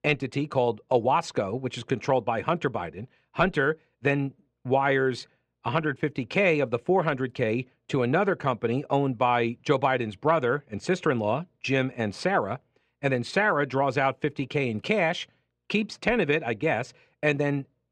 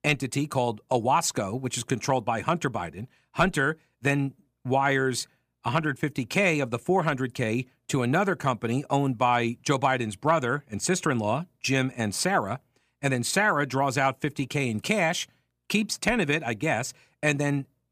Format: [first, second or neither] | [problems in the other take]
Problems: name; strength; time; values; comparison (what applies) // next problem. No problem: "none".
second | muffled; slightly; fading above 3 kHz